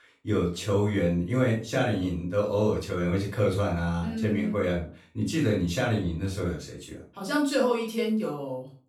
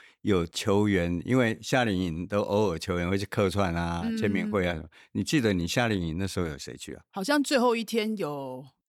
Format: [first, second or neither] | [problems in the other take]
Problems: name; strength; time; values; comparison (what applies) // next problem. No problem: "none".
second | off-mic speech; far // room echo; noticeable; dies away in 0.3 s